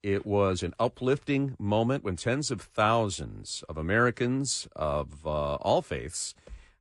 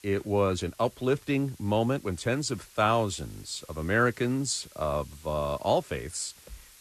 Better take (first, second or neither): first